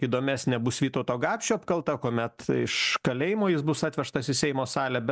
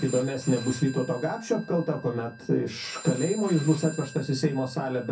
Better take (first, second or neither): first